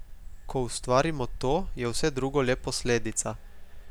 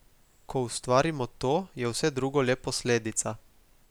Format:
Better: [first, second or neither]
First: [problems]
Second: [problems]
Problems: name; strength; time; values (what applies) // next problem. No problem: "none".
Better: second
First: background sound (Engine); 7 dB below the speech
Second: none